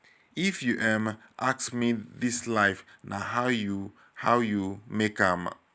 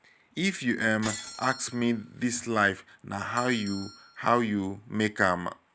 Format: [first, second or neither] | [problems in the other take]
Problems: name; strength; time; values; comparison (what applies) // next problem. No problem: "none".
first | background sound (Bell + Shatter); 17 dB below the speech